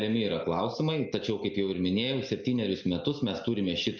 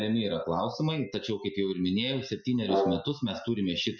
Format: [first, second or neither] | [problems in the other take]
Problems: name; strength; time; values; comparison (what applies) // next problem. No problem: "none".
first | noise reduction (classical method Wiener filter)